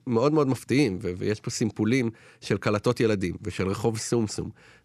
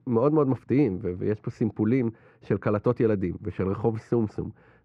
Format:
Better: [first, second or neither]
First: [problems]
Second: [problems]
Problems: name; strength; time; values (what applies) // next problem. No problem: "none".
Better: first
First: none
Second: muffled; very; fading above 3 kHz